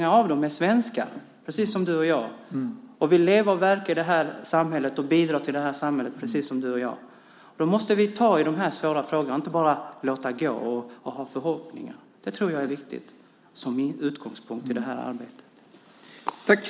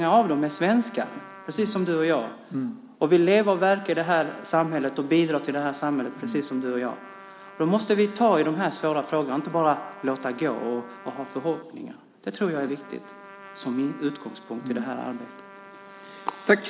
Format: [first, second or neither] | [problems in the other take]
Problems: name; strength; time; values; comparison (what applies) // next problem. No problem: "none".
first | background sound (Trumpet); 20 dB below the speech